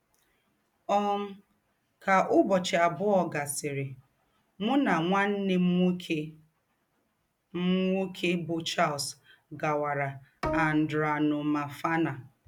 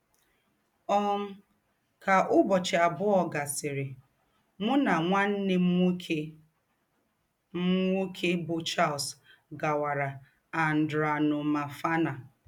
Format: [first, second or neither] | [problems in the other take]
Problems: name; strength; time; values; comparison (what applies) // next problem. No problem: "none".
second | background sound (Bowed string instrument); 8 dB below the speech